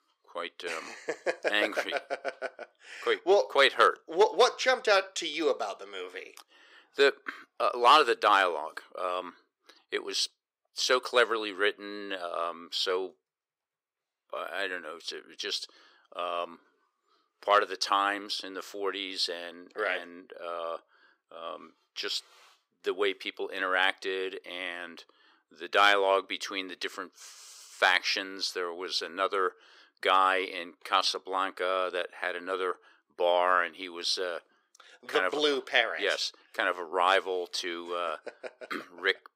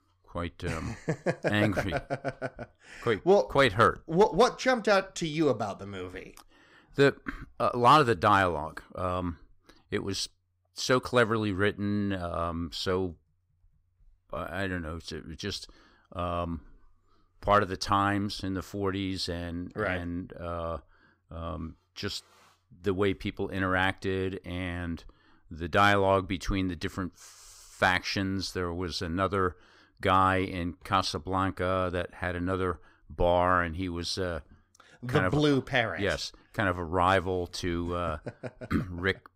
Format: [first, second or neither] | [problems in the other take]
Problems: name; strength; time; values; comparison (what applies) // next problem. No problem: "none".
second | thin; very; fading below 400 Hz